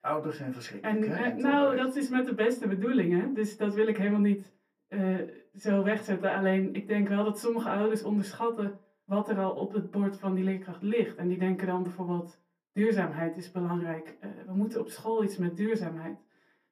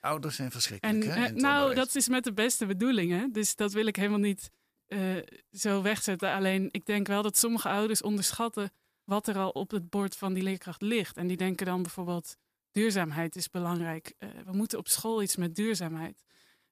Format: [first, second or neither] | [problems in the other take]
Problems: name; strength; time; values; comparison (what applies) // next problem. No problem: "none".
second | room echo; very slight; dies away in 0.3 s // off-mic speech; far